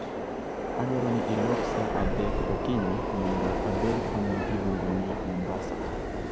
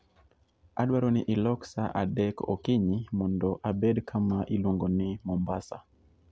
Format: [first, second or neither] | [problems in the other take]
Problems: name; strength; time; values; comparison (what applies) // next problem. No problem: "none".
second | background sound (Subway, metro, underground); 2 dB above the speech